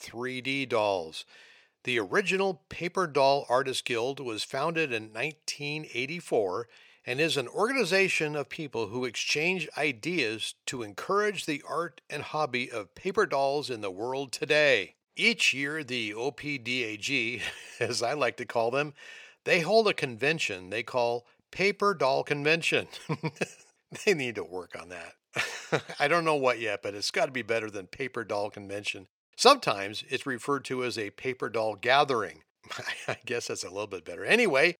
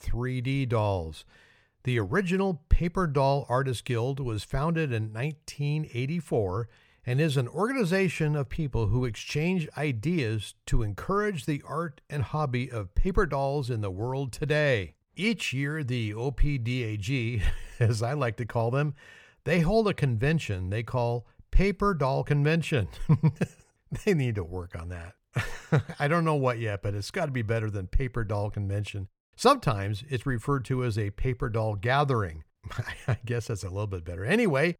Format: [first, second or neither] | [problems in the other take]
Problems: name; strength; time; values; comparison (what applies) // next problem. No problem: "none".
second | thin; somewhat; fading below 350 Hz